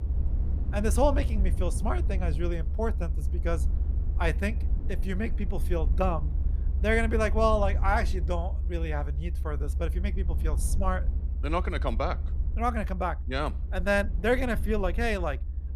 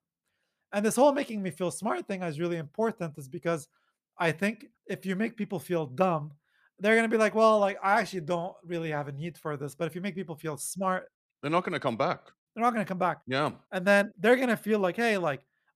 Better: second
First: low rumble; noticeable; throughout; 20 dB below the speech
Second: none

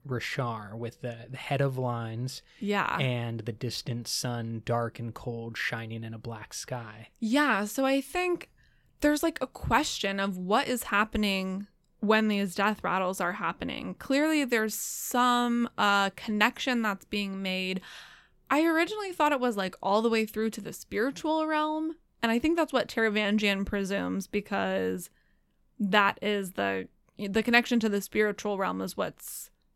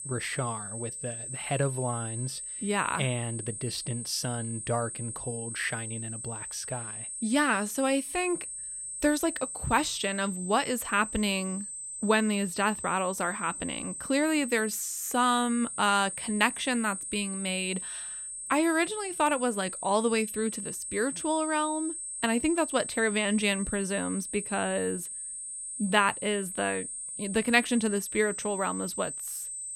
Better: first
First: none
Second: high-pitched whine; loud; throughout; 8.5 kHz, 6 dB below the speech

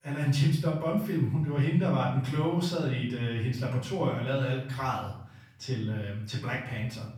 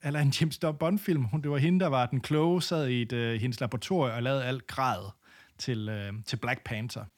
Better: second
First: off-mic speech; far // room echo; noticeable; dies away in 0.7 s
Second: none

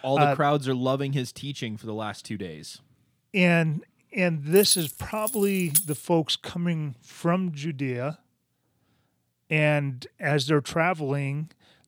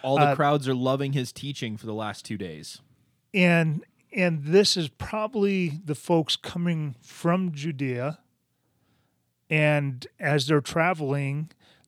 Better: second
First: jangling keys; loud; from 4.5 to 6 s; peak 2 dB above the speech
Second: none

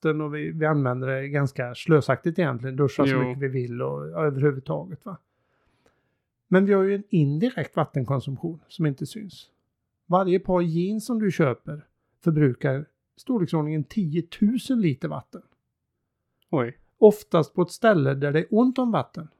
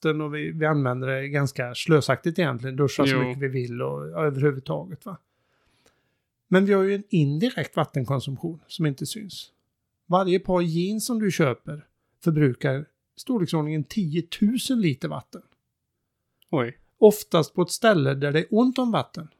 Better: second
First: muffled; slightly; fading above 2.5 kHz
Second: none

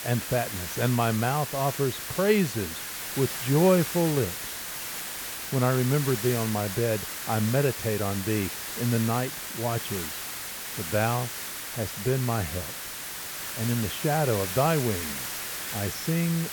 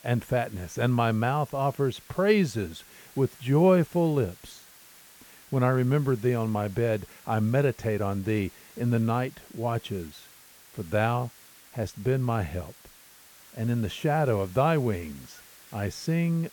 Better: second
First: hiss; loud; throughout; 5 dB below the speech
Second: hiss; faint; throughout; 25 dB below the speech

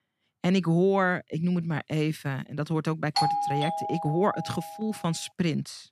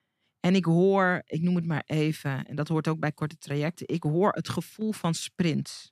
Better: second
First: doorbell; loud; from 3 to 4.5 s; peak 2 dB above the speech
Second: none

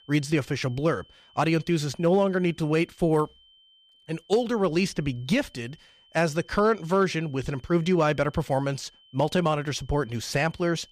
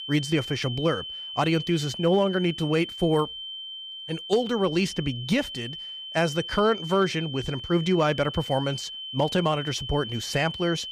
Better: first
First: high-pitched whine; faint; throughout; 3 kHz, 30 dB below the speech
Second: high-pitched whine; loud; throughout; 3 kHz, 9 dB below the speech

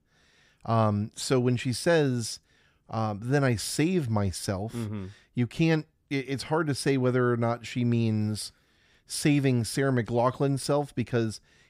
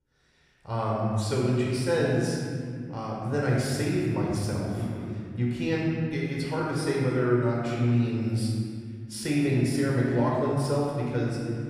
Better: first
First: none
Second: off-mic speech; far // room echo; strong; dies away in 2.2 s

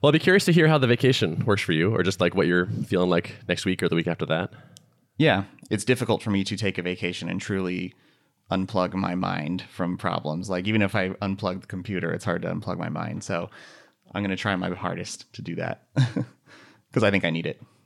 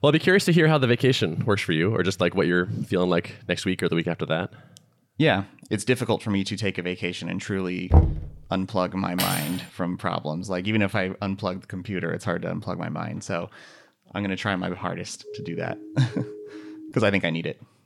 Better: first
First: none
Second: door banging; loud; at 8 s; peak 5 dB above the speech // clattering dishes; noticeable; at 9 s; peak 1 dB below the speech // siren; faint; from 15 to 17 s; peak 15 dB below the speech

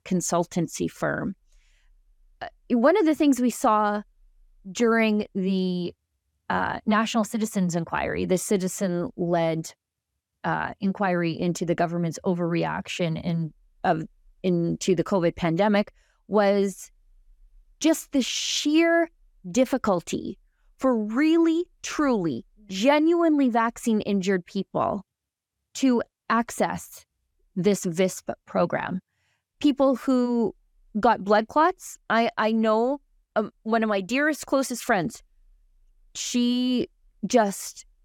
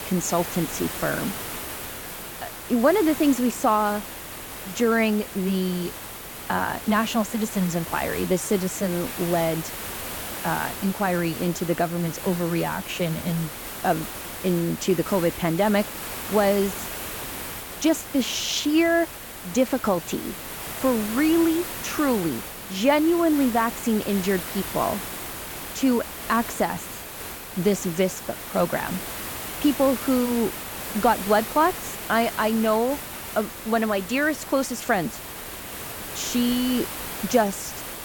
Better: first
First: none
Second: hiss; loud; throughout; 8 dB below the speech

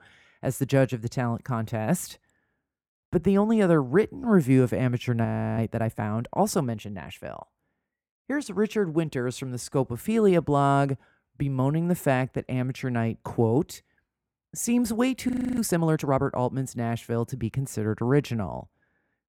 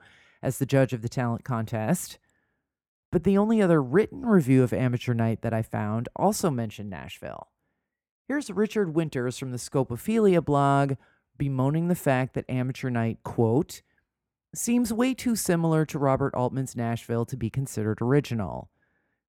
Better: second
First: audio freezing; at 5.5 s and at 15 s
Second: none

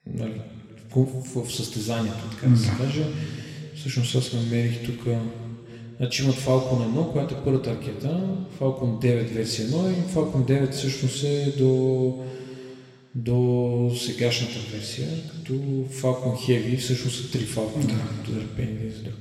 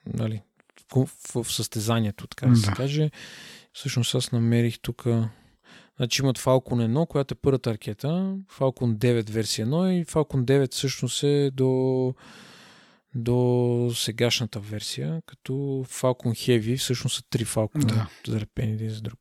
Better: second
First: room echo; noticeable; dies away in 2.4 s // off-mic speech; somewhat distant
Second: none

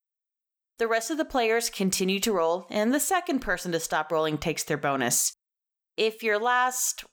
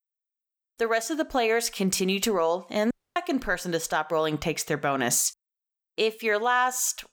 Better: first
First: none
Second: audio cutting out; at 3 s

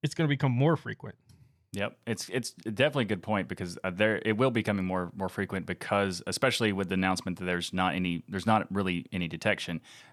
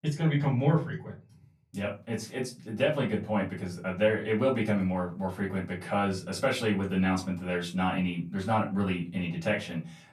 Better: first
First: none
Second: off-mic speech; far // room echo; very slight; dies away in 0.3 s

